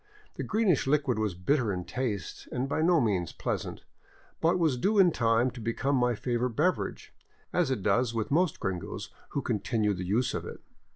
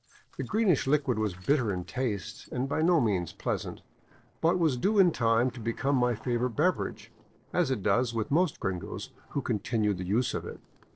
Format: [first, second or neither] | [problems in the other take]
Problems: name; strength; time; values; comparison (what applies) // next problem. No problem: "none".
first | noise reduction (neural separator model SepFormer DNS4)